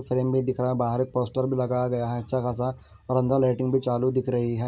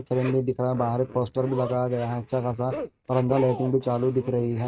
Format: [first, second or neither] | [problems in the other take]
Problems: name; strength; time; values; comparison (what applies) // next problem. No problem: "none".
first | noise reduction (neural mask model RNNoise)